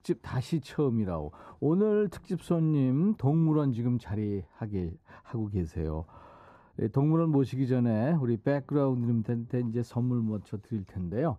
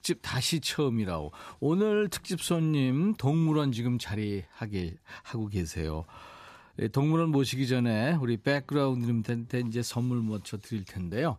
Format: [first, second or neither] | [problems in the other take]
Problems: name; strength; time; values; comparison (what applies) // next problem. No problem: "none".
second | muffled; very; fading above 1.5 kHz